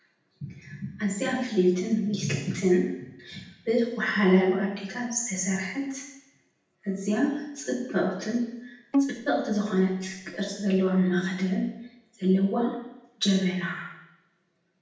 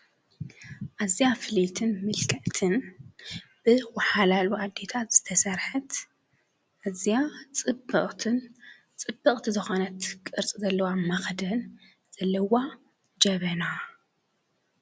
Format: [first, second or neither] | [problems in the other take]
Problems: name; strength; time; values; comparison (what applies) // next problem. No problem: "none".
second | background sound (Bowed string instrument); 5 dB below the speech // room echo; dies away in 0.8 s